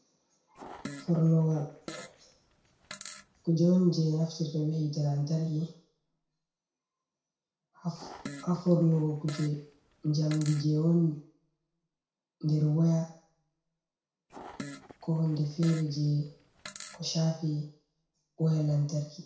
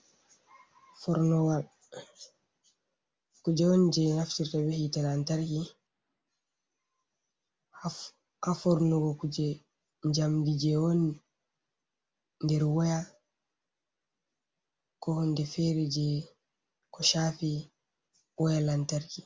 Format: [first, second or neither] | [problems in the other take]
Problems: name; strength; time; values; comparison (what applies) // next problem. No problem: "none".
second | background sound (Fart); 16 dB below the speech // room echo; dies away in 0.6 s